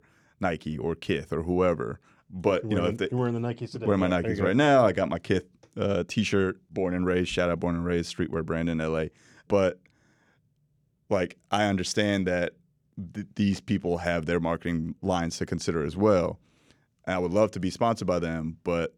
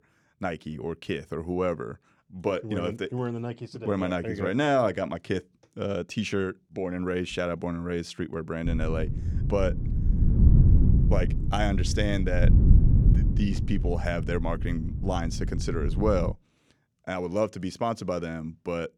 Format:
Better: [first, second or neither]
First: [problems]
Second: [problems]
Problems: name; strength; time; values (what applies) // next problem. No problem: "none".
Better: first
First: none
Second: wind noise on the microphone; heavy; from 8.5 to 16 s; 8 dB below the speech